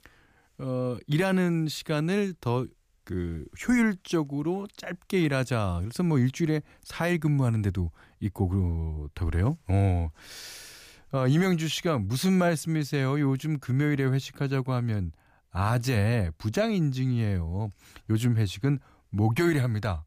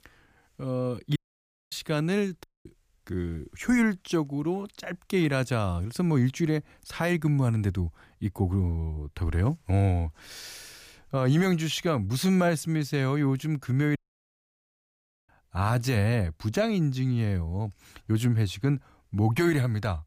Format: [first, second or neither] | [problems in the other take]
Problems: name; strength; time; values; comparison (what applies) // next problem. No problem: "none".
first | audio cutting out; at 1 s for 0.5 s, at 2.5 s and at 14 s for 1.5 s